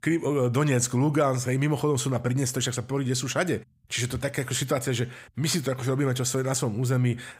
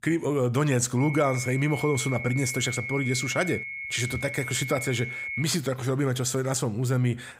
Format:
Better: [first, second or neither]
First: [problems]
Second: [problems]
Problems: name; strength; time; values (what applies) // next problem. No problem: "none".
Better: first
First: none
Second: high-pitched whine; loud; from 1 to 5.5 s; 2 kHz, 6 dB below the speech